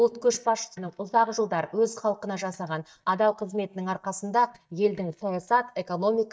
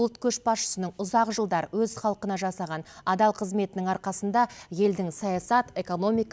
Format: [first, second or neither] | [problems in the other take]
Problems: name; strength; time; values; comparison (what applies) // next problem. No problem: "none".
second | noise reduction (neural mask model DeepFilterNet 3)